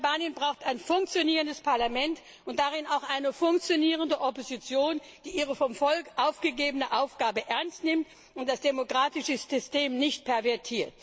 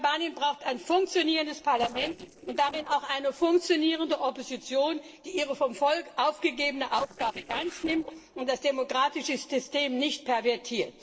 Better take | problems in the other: first | noise reduction (neural separator model SepFormer DNS4)

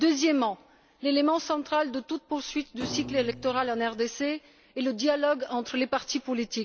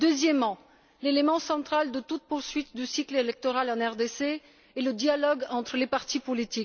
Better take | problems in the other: second | background sound (Thump, thud); 12 dB below the speech

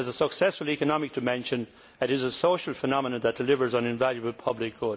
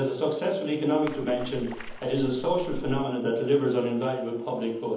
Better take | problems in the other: first | background sound (Splash, splatter); 10 dB below the speech // room echo; dies away in 1.3 s

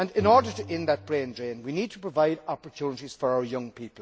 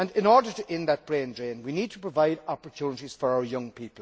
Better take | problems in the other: second | background sound (Bowed string instrument); 17 dB below the speech

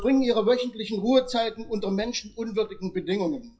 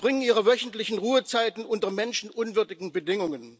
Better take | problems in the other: second | noise reduction (classical method WPE with log-MMSE)

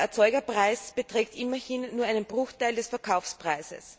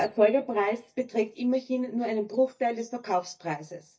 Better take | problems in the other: first | noise reduction (neural mask model DeepFilterNet 3)

